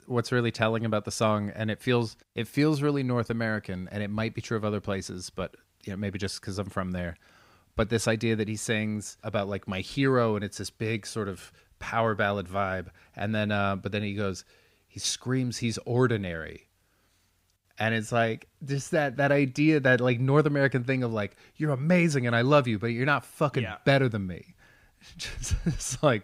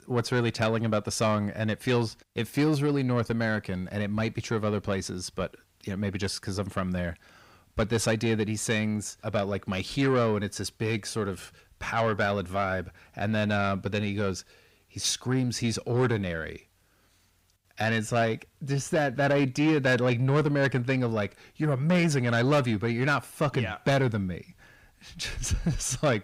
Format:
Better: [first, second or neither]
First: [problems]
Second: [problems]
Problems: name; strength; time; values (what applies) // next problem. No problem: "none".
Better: first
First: none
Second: distortion; slight; 10 dB below the speech